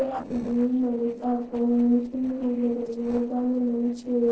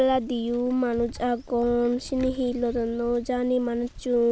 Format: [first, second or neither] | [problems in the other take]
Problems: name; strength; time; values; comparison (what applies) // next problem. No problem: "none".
second | noise reduction (neural separator model SepFormer DNS4)